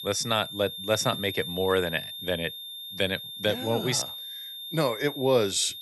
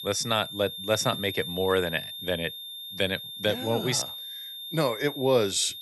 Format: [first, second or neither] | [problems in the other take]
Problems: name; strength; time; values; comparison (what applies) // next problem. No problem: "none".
neither | high-pitched whine; loud; throughout; 3.5 kHz, 8 dB below the speech; the same in both